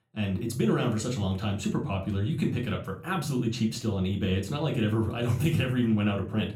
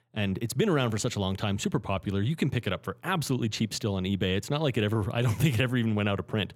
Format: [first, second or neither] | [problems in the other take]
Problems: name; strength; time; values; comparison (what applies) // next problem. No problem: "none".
second | off-mic speech; far // room echo; slight; dies away in 0.4 s